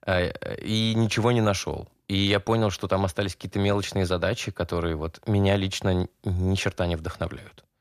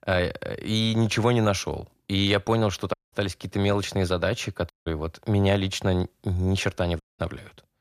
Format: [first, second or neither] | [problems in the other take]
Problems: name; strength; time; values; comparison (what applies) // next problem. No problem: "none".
first | audio cutting out; at 3 s, at 4.5 s and at 7 s